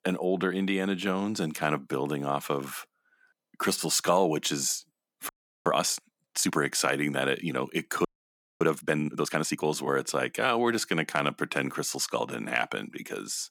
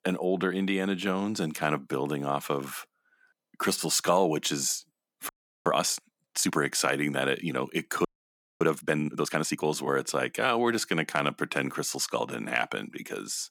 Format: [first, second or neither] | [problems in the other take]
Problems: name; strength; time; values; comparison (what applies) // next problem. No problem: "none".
neither | audio freezing; at 5.5 s and at 8 s for 0.5 s; the same in both